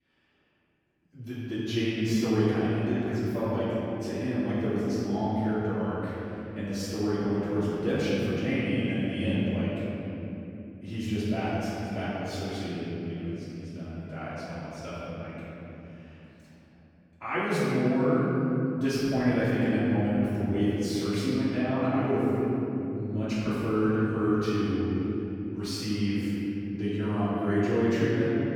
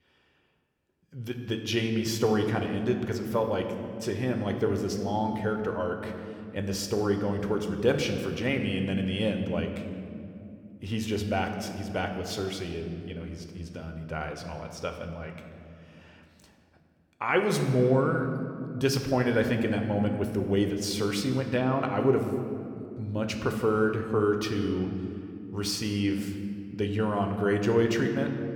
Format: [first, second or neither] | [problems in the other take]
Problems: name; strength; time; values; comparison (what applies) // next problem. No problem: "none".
second | room echo; strong; dies away in 3 s; slight in the second // off-mic speech; far